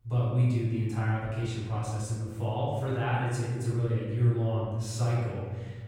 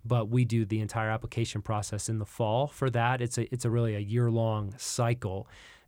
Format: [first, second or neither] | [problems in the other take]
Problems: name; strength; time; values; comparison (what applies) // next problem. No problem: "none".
second | off-mic speech; far // room echo; strong; dies away in 1.6 s